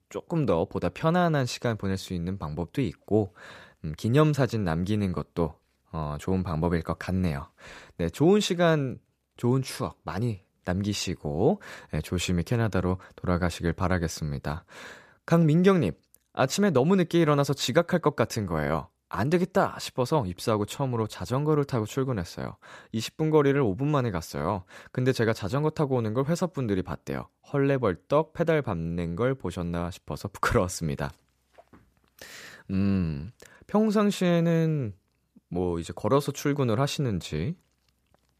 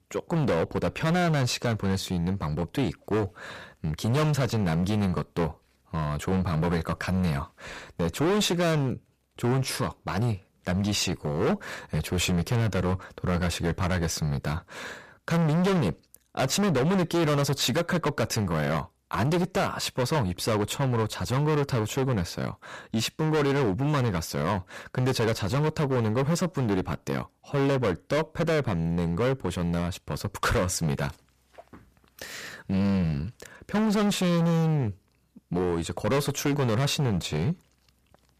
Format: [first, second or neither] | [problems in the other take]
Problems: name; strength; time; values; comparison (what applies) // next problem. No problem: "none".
first | distortion; heavy; 18% of the sound clipped